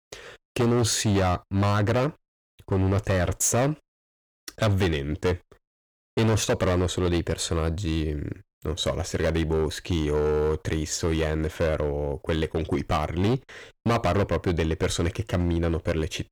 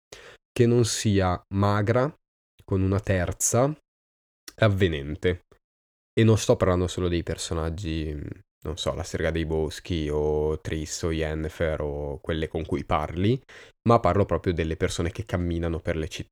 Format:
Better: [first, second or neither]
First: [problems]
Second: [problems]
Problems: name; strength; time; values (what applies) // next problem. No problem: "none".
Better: second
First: distortion; heavy; 12% of the sound clipped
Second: none